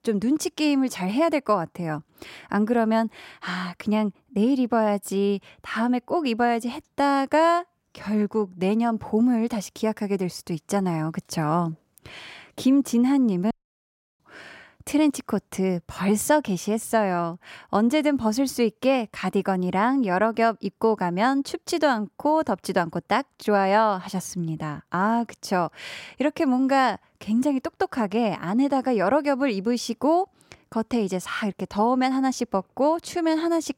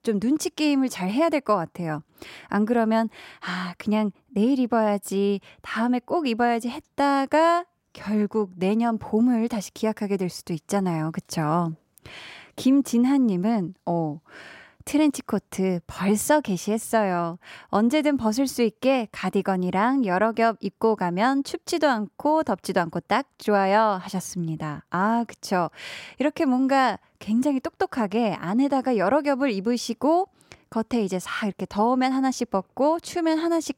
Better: second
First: audio cutting out; at 14 s for 0.5 s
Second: none

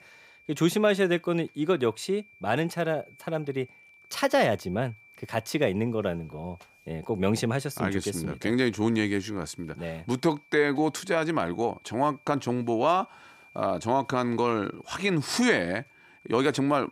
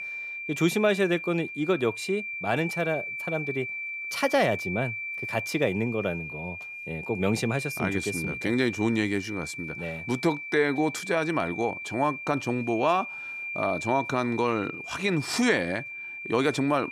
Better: first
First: high-pitched whine; faint; throughout; 2.5 kHz, 30 dB below the speech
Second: high-pitched whine; loud; throughout; 2.5 kHz, 7 dB below the speech

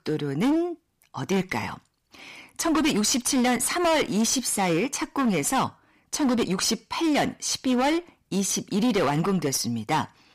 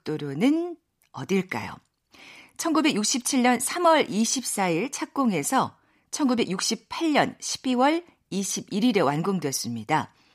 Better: second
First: distortion; heavy; 14% of the sound clipped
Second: none

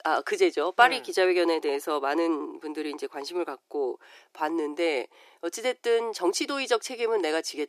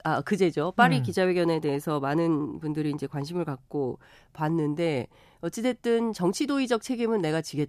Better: second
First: thin; very; fading below 350 Hz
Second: none

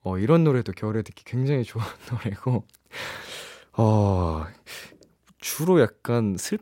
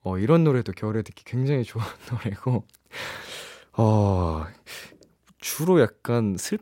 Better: neither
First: none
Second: none

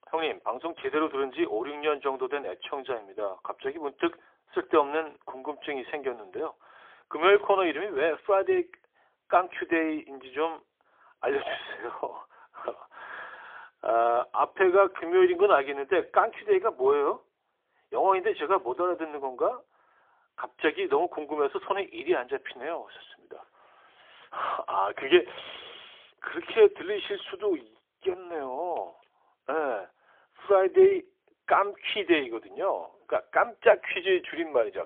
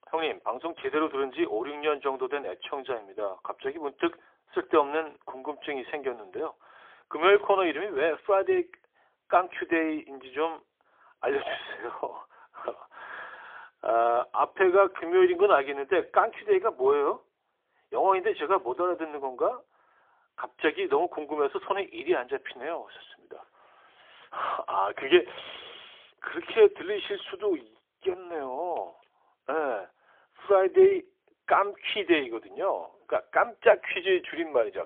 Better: neither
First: phone-call audio; poor line; nothing above 3.5 kHz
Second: phone-call audio; poor line; nothing above 3.5 kHz

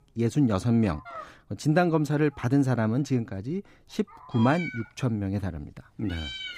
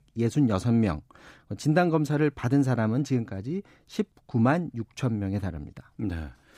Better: second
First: animal sounds; noticeable; throughout; 15 dB below the speech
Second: none

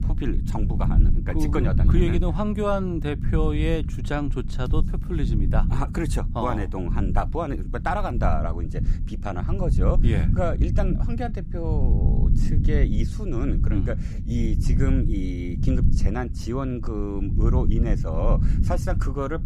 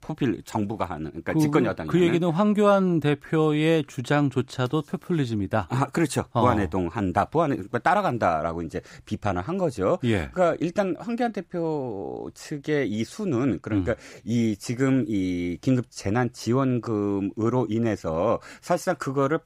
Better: second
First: low rumble; loud; throughout; 8 dB below the speech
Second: none

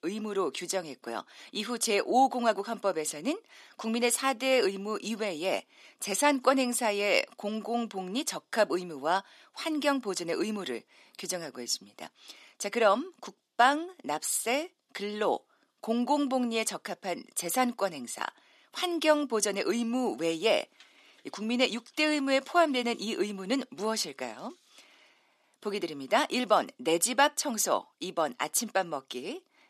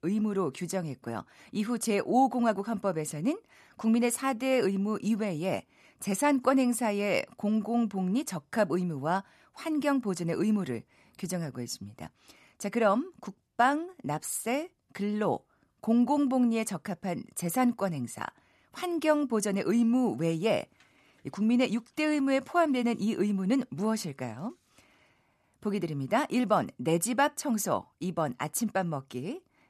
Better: second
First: thin; very slightly; fading below 300 Hz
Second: none

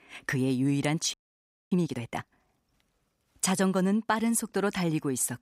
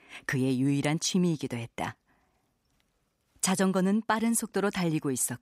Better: second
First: audio freezing; at 1 s for 0.5 s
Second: none

